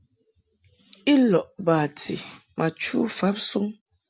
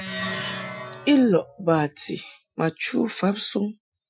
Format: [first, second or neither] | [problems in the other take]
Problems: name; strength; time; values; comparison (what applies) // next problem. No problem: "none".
first | noise reduction (classical method Wiener filter)